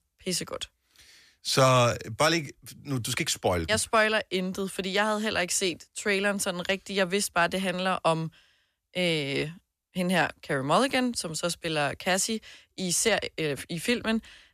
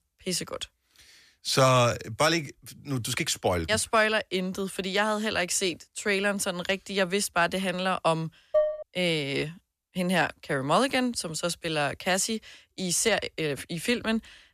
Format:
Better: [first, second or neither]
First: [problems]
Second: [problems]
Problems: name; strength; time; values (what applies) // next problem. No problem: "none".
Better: first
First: none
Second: clattering dishes; loud; at 8.5 s; peak level with the speech